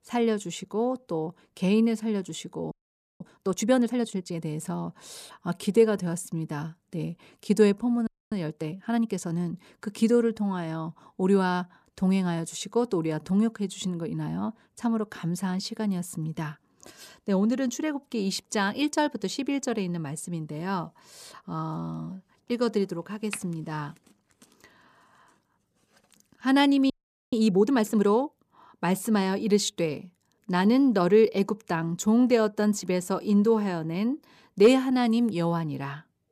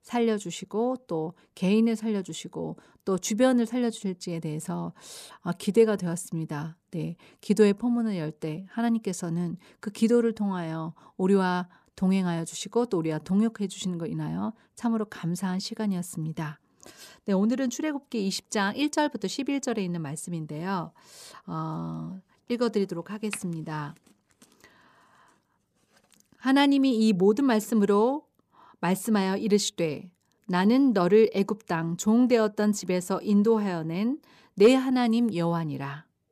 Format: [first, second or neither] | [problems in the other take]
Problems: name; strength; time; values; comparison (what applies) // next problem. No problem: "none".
second | audio freezing; at 2.5 s, at 8 s and at 27 s